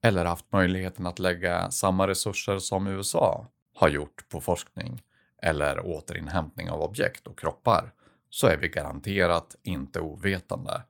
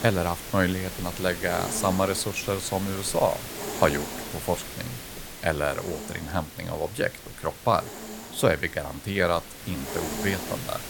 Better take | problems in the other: first | hiss; loud; throughout; 8 dB below the speech

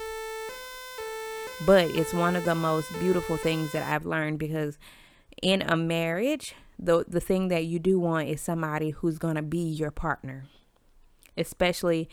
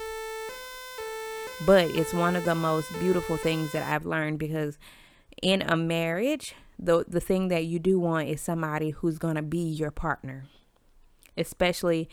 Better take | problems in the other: neither | siren; noticeable; until 4 s; peak 8 dB below the speech; the same in both

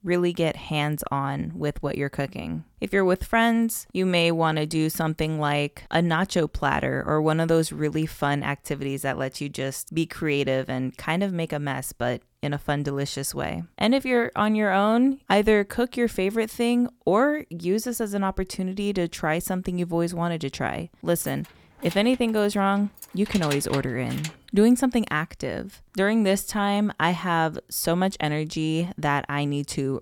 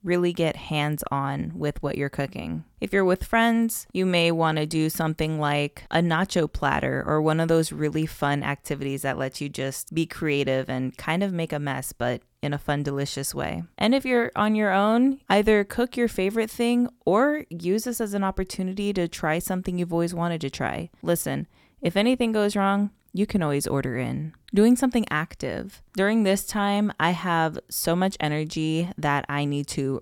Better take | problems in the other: second | jangling keys; noticeable; from 21 to 24 s; peak 7 dB below the speech

